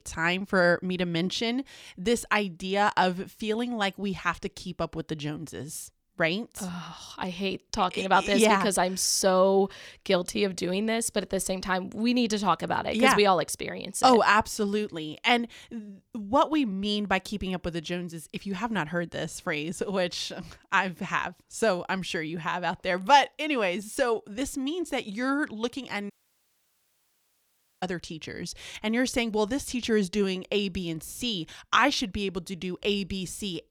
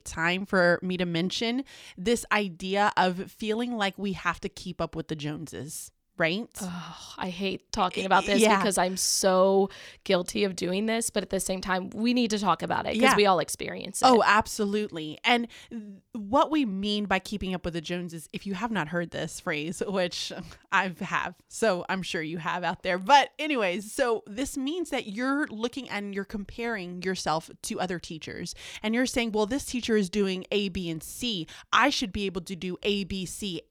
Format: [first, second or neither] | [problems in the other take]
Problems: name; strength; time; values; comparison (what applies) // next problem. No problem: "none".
second | audio cutting out; at 26 s for 1.5 s